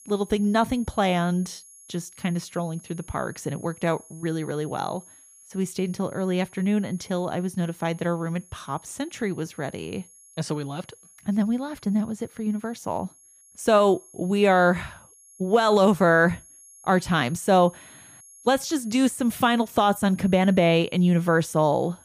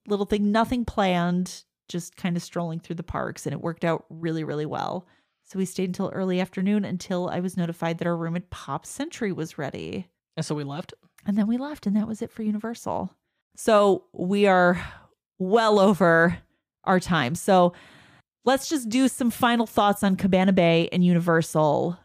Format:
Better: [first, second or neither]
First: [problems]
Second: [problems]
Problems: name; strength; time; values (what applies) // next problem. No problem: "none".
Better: second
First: high-pitched whine; faint; throughout; 11 kHz, 25 dB below the speech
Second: none